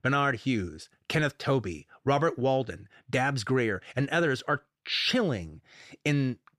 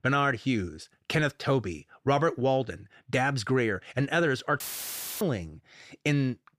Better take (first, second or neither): first